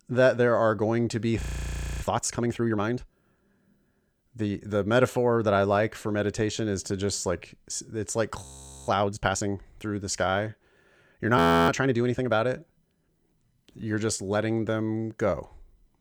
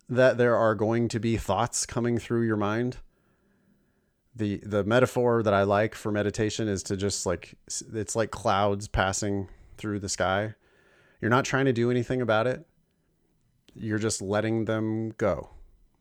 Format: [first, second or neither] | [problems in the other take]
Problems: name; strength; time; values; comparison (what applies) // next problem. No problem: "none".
second | audio freezing; at 1.5 s for 0.5 s, at 8.5 s and at 11 s